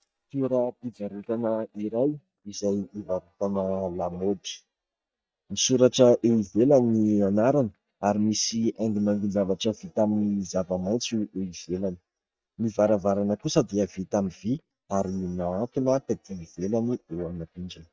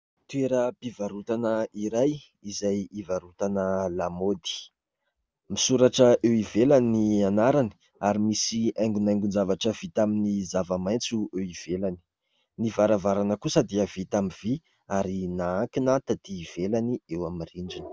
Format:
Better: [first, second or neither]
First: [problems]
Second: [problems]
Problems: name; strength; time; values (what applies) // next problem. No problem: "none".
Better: second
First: noise reduction (neural mask model DeepFilterNet 3)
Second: none